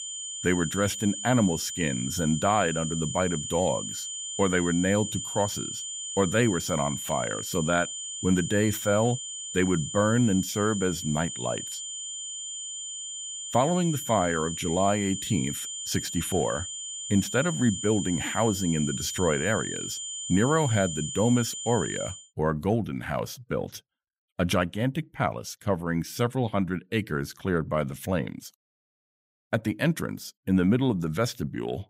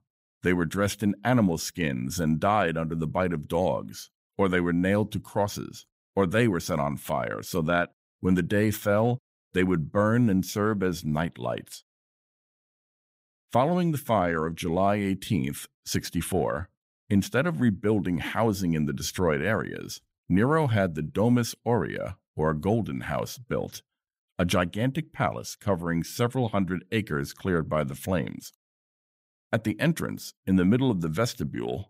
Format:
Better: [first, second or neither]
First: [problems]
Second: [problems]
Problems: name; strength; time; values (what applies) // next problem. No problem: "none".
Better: second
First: high-pitched whine; loud; until 22 s; 7 kHz, 6 dB below the speech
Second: none